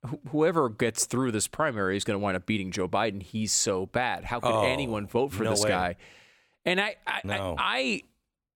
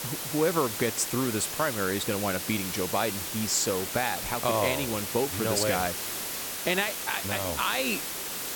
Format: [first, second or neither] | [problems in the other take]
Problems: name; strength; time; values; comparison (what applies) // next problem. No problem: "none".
first | hiss; loud; throughout; 3 dB below the speech